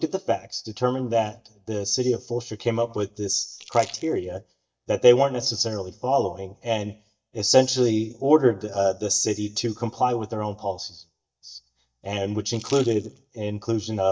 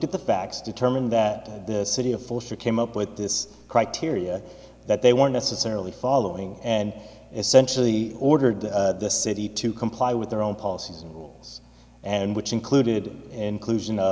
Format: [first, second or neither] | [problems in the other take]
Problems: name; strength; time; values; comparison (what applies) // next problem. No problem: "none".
second | noise reduction (neural mask model DeepFilterNet 3)